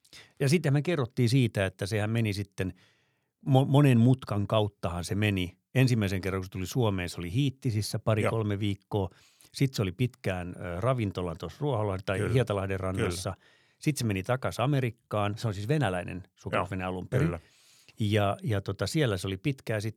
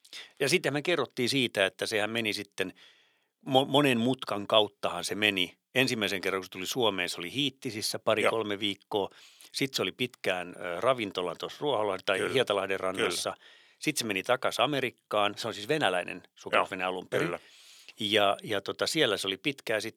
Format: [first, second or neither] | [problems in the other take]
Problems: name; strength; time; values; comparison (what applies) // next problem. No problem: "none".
first | thin; somewhat; fading below 350 Hz